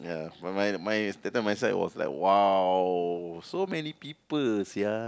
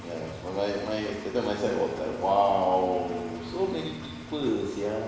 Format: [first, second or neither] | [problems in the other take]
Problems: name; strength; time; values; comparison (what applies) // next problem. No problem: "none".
first | background sound (Engine); 12 dB below the speech // room echo; dies away in 1 s